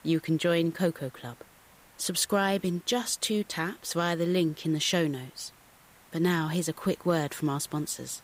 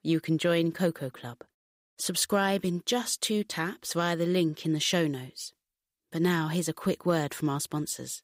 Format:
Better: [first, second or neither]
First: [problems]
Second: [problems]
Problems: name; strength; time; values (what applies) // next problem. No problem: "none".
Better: second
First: hiss; faint; throughout; 25 dB below the speech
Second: none